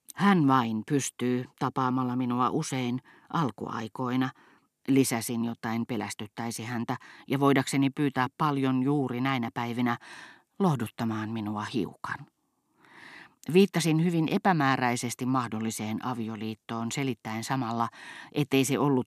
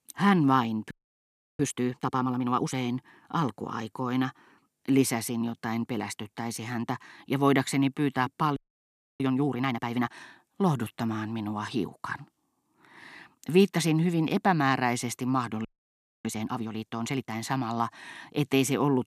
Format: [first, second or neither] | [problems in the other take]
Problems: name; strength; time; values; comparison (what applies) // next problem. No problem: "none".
first | audio freezing; at 1 s for 0.5 s, at 8.5 s for 0.5 s and at 16 s for 0.5 s